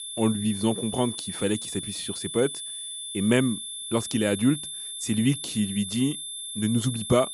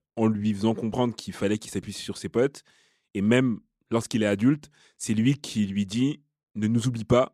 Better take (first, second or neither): second